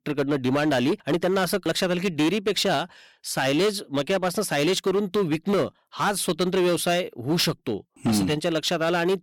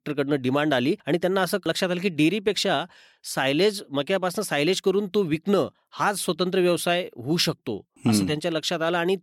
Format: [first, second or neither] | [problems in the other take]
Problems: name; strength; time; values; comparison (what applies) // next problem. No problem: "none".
second | distortion; slight; 13% of the sound clipped